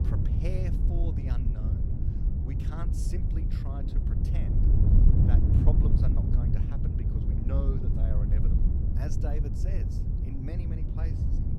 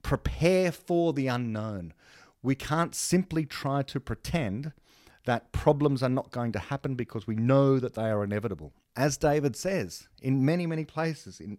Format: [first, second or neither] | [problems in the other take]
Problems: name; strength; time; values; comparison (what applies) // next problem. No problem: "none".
second | wind noise on the microphone; heavy; 3 dB above the speech